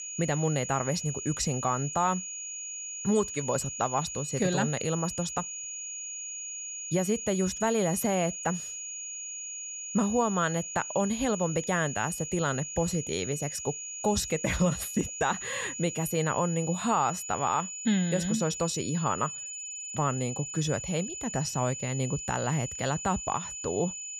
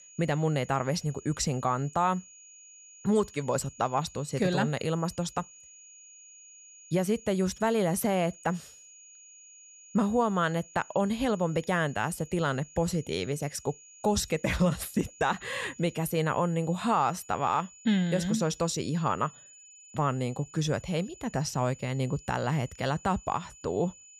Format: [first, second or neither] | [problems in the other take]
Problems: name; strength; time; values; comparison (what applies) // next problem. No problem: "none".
second | high-pitched whine; loud; throughout; 7 kHz, 6 dB below the speech; faint in the second